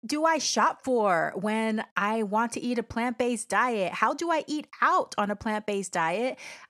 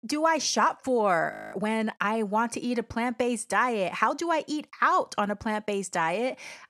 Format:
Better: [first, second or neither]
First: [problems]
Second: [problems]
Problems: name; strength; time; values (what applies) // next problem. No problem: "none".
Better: first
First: none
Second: audio freezing; at 1.5 s